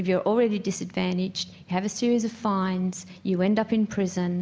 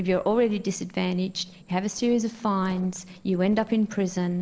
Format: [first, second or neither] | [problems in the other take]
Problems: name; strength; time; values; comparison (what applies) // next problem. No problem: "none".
first | noise reduction (neural separator model SepFormer DNS4)